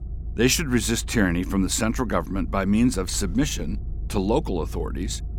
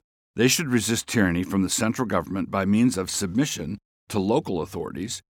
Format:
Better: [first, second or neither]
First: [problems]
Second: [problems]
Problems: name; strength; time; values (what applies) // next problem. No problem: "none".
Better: second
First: low rumble; faint; throughout; 25 dB below the speech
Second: none